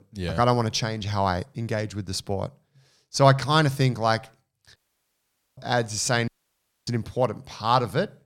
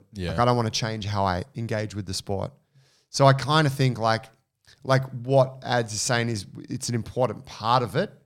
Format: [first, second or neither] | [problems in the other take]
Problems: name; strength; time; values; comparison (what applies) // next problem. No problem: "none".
second | audio cutting out; at 5 s for 1 s and at 6.5 s for 0.5 s